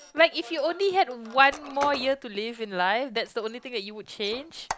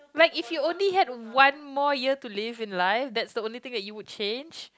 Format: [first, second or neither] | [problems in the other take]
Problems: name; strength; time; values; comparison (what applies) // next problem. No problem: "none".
second | background sound (Squeak); 16 dB below the speech